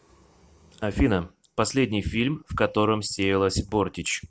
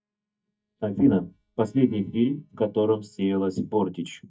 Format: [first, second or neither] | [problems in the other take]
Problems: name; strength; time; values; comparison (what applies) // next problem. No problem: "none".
first | noise reduction (neural mask model DeepFilterNet 3)